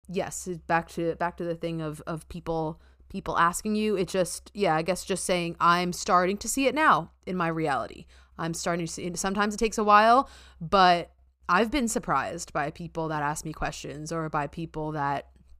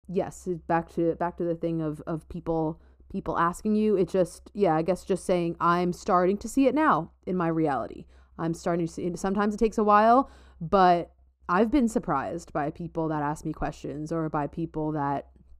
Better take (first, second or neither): first